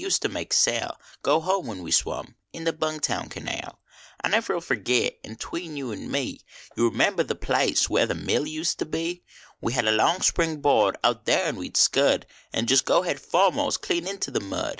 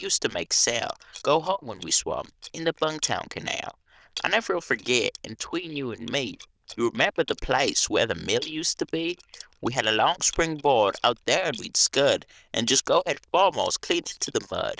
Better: first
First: none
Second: noise reduction (neural diffusion model UNIVERSE++)

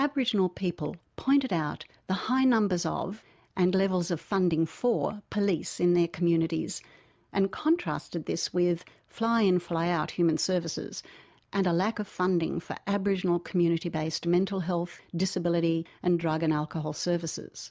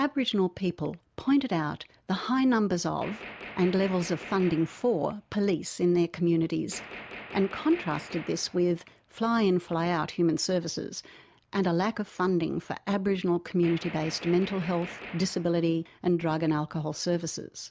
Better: first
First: none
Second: background sound (Gunshot, gunfire); 16 dB below the speech

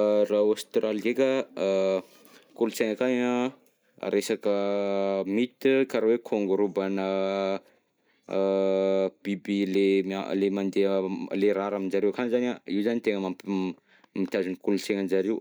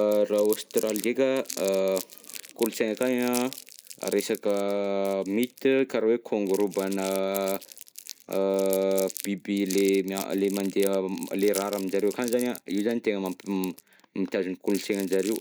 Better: first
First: none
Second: background sound (Crumpling, crinkling); 15 dB below the speech

